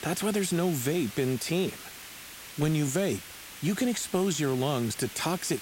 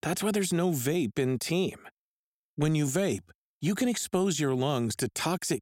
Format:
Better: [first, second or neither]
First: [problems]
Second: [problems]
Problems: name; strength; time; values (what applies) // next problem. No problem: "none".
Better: second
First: hiss; noticeable; throughout; 15 dB below the speech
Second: none